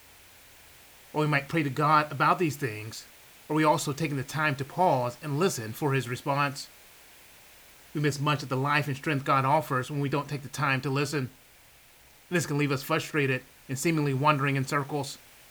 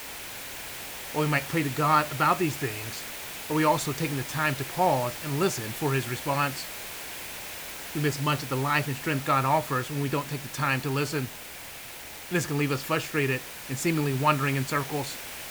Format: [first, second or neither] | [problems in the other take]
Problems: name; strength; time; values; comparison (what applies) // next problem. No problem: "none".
first | hiss; loud; throughout; 9 dB below the speech; faint in the first